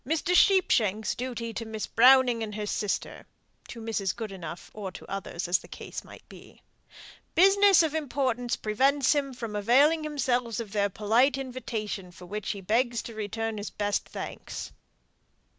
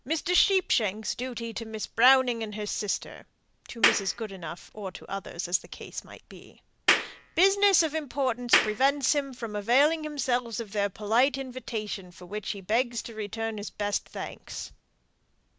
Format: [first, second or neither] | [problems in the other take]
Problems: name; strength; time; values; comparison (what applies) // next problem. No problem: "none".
first | background sound (Clapping); 1 dB below the speech